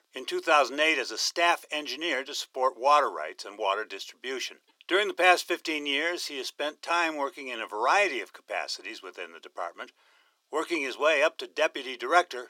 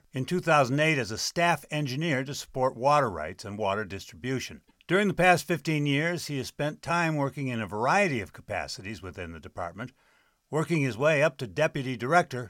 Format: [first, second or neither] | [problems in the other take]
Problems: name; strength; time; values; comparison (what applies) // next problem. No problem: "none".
second | thin; very; fading below 350 Hz